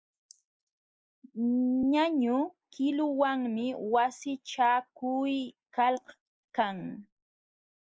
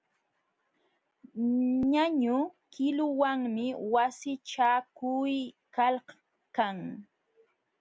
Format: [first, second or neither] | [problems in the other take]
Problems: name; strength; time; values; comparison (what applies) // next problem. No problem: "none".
second | noise reduction (neural mask model Resemble Enhance denoiser)